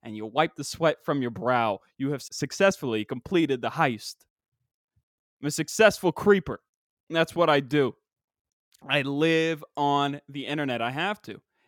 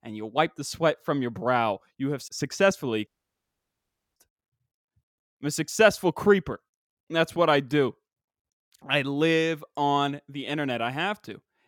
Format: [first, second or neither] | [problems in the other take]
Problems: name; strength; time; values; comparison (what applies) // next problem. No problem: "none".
first | audio cutting out; at 3 s for 1 s